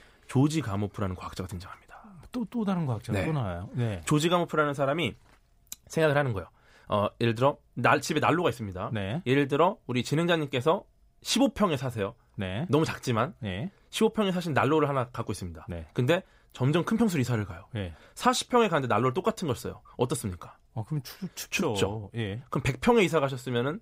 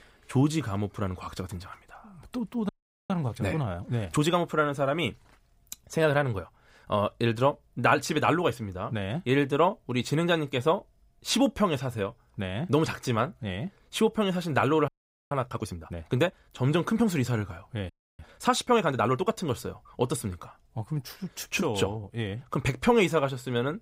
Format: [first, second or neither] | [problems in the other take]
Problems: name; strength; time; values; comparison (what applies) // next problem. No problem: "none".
first | audio freezing; at 2.5 s, at 15 s and at 18 s